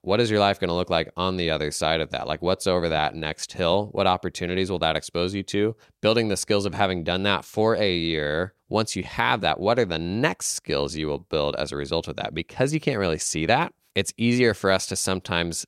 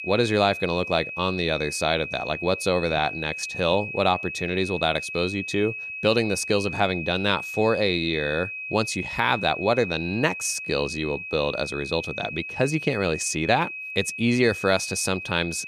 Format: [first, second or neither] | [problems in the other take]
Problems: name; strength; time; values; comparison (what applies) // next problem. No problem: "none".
first | high-pitched whine; loud; throughout; 2.5 kHz, 7 dB below the speech